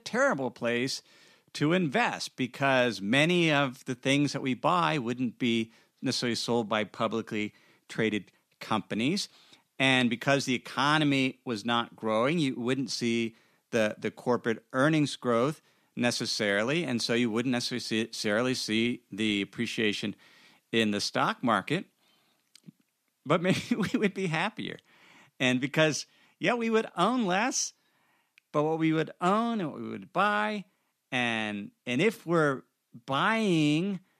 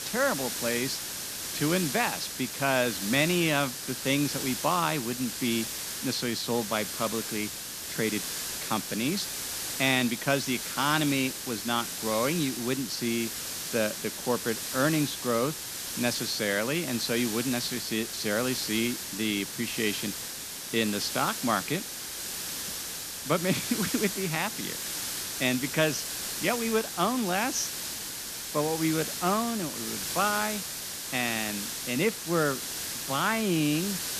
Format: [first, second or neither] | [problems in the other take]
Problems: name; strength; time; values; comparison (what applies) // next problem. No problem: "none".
first | hiss; loud; throughout; 4 dB below the speech